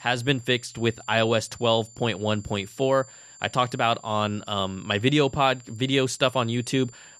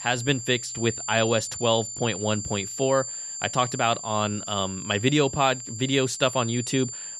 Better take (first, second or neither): first